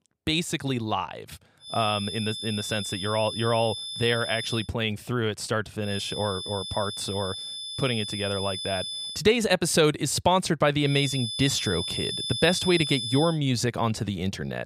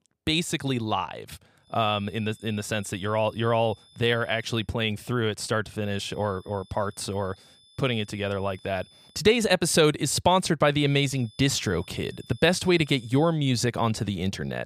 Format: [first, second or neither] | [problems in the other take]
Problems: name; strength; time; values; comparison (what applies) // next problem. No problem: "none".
second | high-pitched whine; loud; from 1.5 to 4.5 s, from 6 to 9 s and from 11 to 13 s; 3.5 kHz, 5 dB below the speech; faint in the second